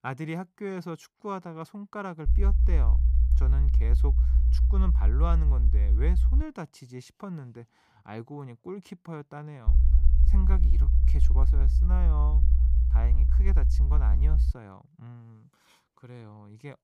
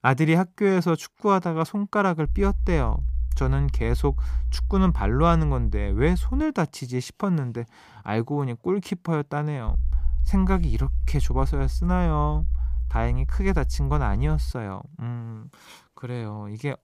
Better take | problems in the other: second | low rumble; loud; from 2.5 to 6.5 s and from 9.5 to 15 s; 4 dB below the speech; faint in the second

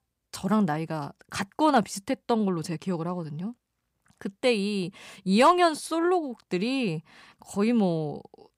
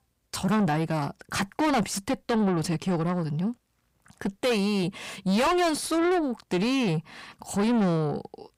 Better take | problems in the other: first | distortion; heavy; 6 dB below the speech

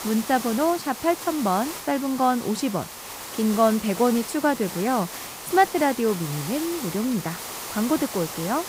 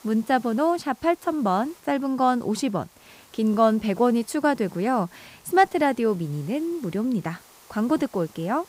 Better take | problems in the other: second | hiss; loud; throughout; 9 dB below the speech; faint in the second

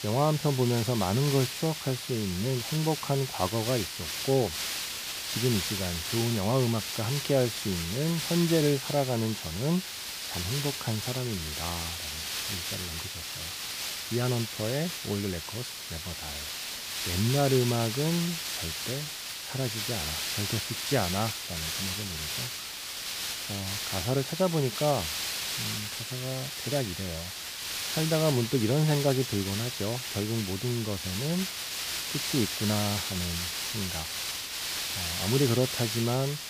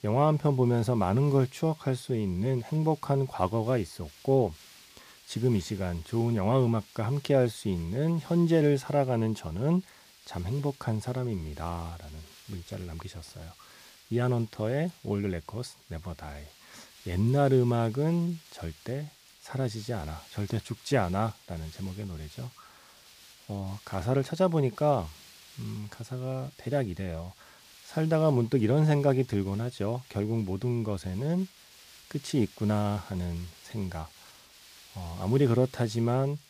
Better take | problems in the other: second | hiss; loud; throughout; 2 dB below the speech; faint in the second

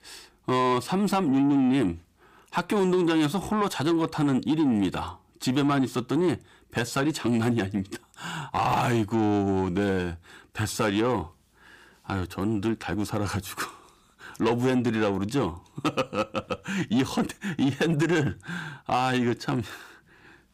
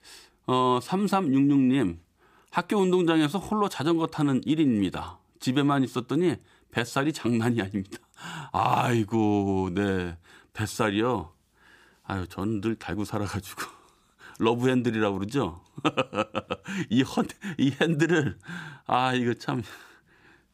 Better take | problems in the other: second | distortion; slight; 10 dB below the speech

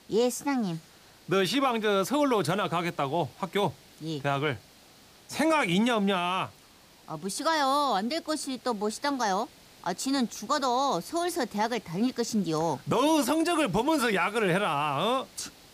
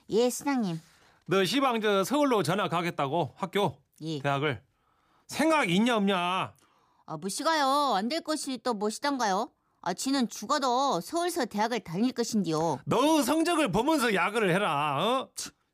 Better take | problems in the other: second | hiss; faint; throughout; 25 dB below the speech

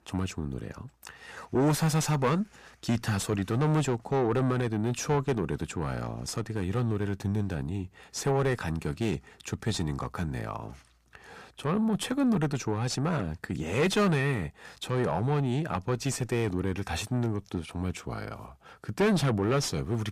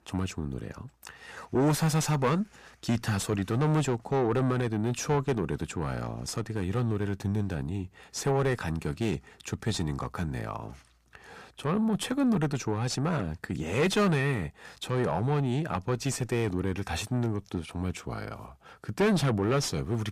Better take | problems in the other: neither | distortion; heavy; 7 dB below the speech; the same in both

